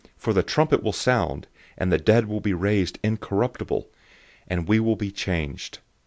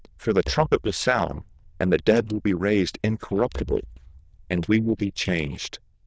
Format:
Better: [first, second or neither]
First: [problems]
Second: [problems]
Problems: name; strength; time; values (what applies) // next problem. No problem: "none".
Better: first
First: none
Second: noise reduction (neural diffusion model UNIVERSE++)